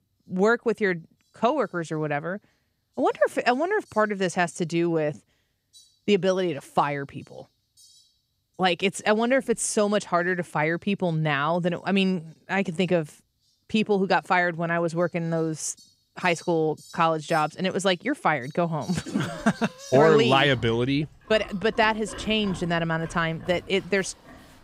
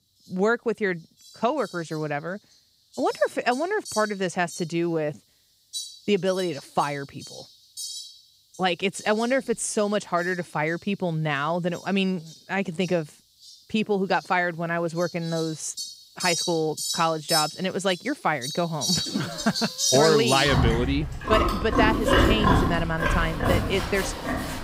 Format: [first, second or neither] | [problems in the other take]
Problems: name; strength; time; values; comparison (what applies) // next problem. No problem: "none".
first | animal sounds; loud; throughout; 1 dB below the speech; faint in the first